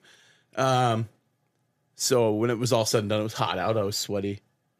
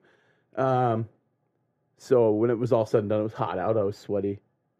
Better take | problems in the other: first | muffled; very; fading above 2.5 kHz

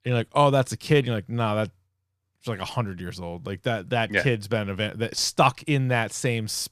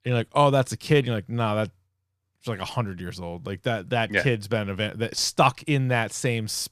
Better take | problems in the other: neither | none

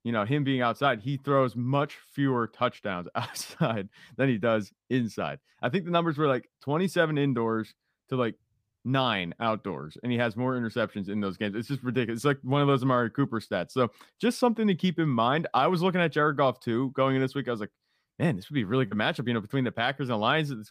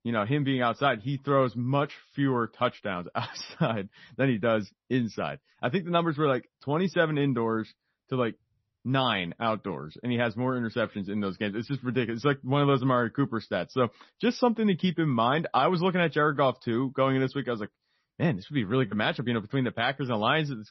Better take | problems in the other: first | garbled, watery; slightly; nothing above 6 kHz

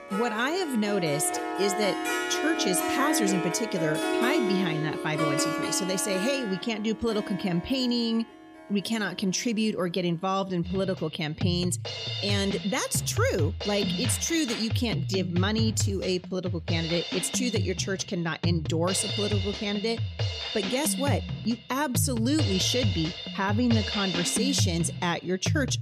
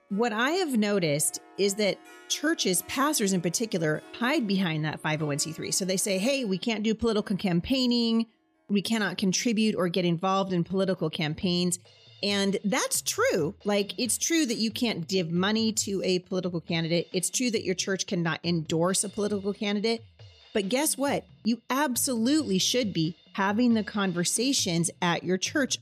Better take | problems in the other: second | background music; loud; throughout; 3 dB below the speech; faint in the second

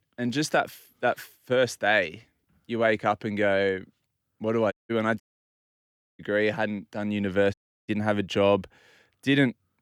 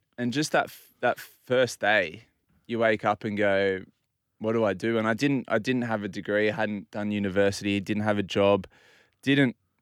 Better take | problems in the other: second | audio cutting out; at 4.5 s, at 5 s for 1 s and at 7.5 s

